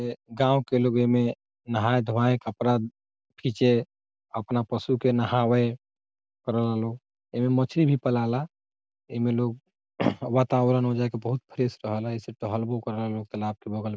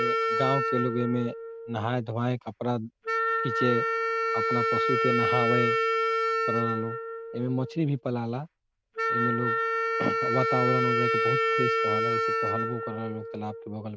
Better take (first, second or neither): first